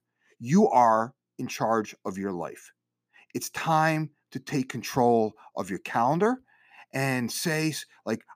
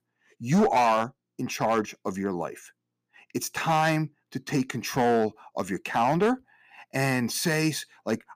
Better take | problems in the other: first | distortion; slight; 4% of the sound clipped

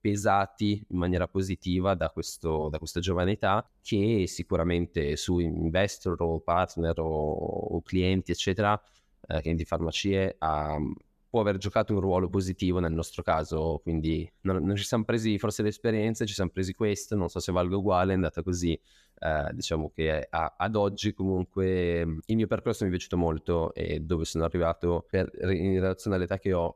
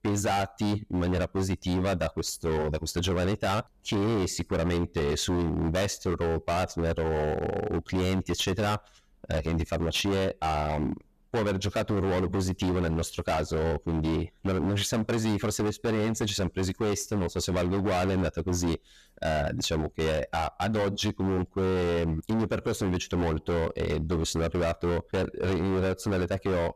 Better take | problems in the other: first | distortion; heavy; 27% of the sound clipped

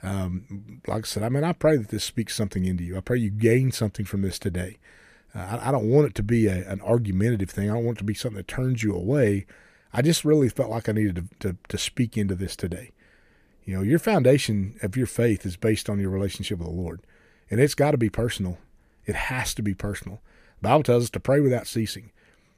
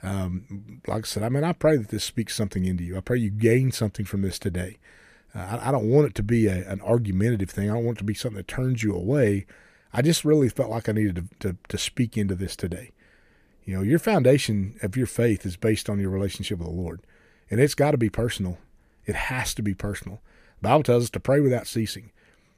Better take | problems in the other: neither | none

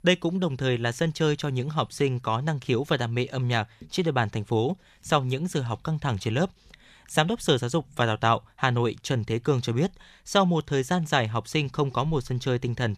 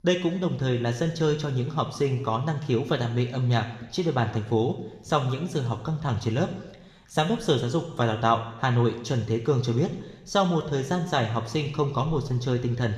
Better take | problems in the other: first | room echo; slight; dies away in 0.9 s

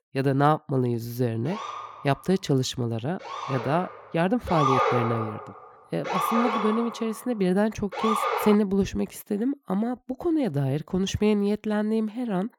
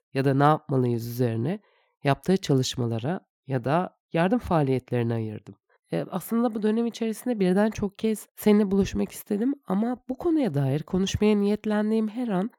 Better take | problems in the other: second | siren; loud; from 1.5 to 8.5 s; peak 4 dB above the speech

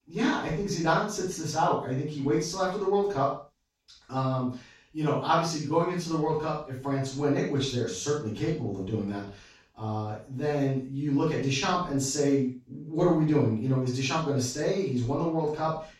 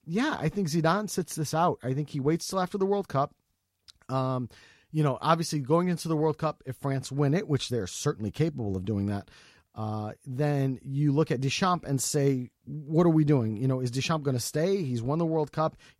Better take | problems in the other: second | room echo; noticeable; dies away in 0.3 s // off-mic speech; far

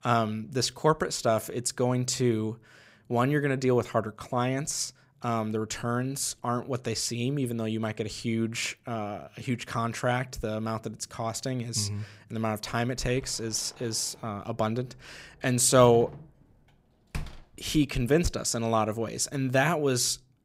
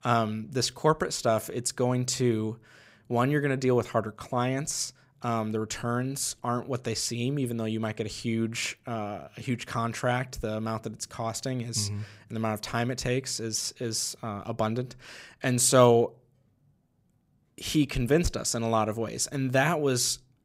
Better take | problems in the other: second | door banging; faint; from 13 to 18 s; peak 10 dB below the speech

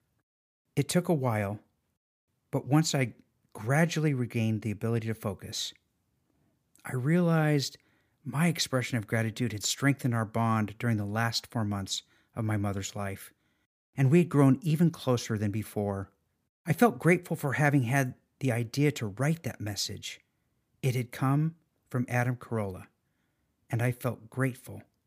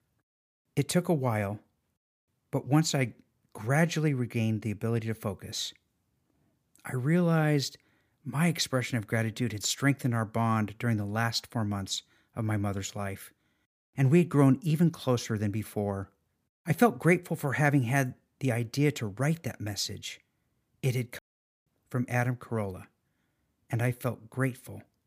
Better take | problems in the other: first | audio cutting out; at 21 s

